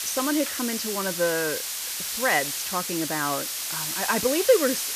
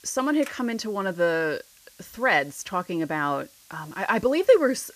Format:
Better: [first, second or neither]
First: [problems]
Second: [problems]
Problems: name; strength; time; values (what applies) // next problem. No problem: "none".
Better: second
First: hiss; loud; throughout; 2 dB below the speech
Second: hiss; faint; throughout; 25 dB below the speech